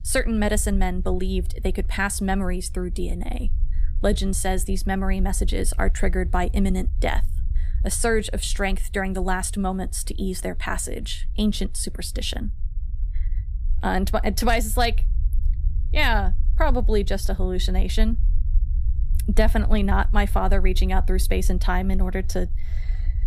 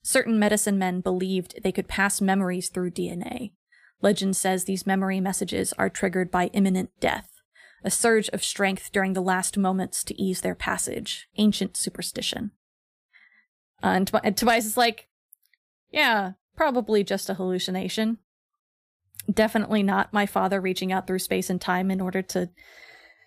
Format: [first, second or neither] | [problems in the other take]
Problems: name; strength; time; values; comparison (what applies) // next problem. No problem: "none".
second | low rumble; faint; throughout; 25 dB below the speech